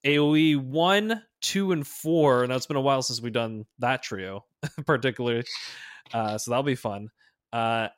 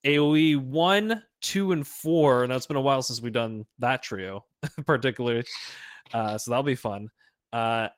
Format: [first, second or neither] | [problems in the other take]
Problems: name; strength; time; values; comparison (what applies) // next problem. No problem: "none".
first | garbled, watery; slightly; nothing above 16 kHz